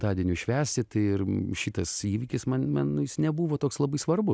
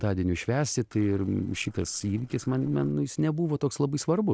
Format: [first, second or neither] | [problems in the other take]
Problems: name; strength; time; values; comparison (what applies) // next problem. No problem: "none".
first | noise reduction (neural separator model SepFormer DNS4)